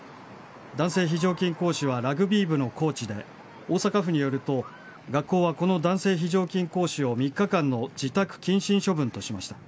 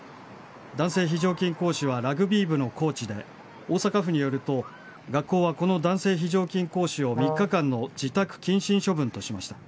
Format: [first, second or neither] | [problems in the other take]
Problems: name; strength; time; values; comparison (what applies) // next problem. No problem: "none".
first | background sound (Brass instrument); 5 dB below the speech